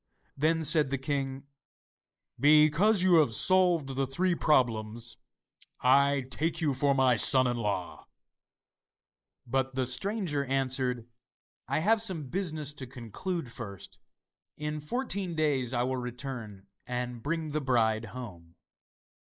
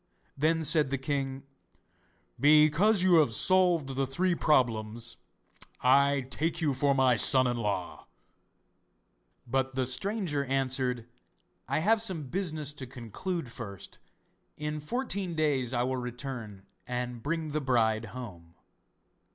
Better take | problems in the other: second | noise reduction (neural mask model Resemble Enhance denoiser)

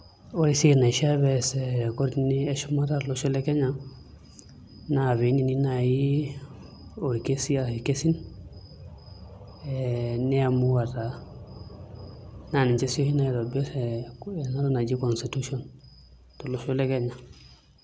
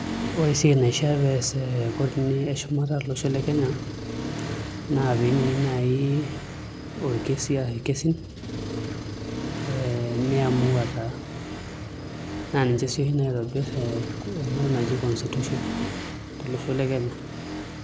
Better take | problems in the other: first | background sound (Accelerating, revving, vroom); 7 dB below the speech

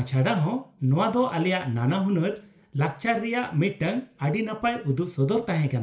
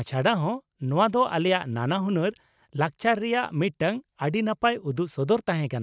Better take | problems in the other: second | room echo; dies away in 0.3 s

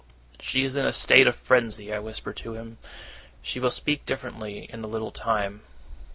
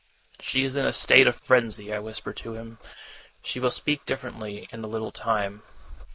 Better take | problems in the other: first | noise reduction (neural mask model Resemble Enhance denoiser)

